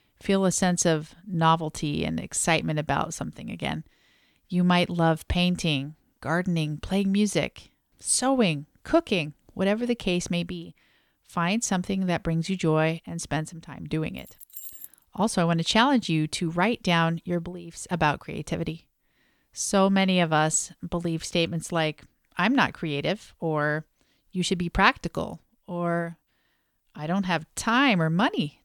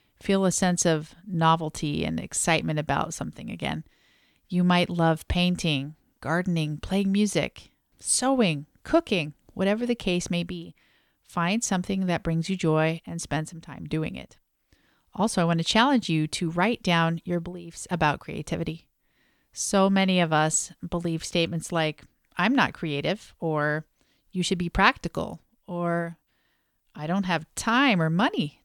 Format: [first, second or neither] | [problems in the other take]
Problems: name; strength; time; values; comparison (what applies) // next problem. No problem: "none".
second | jangling keys; faint; at 14 s; peak 10 dB below the speech